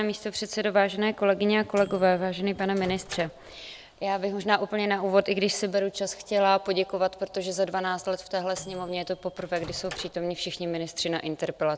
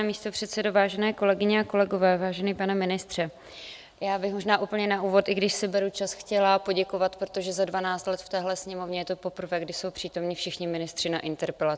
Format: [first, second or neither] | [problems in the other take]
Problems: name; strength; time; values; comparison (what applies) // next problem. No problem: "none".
second | background sound (Microwave oven); 18 dB below the speech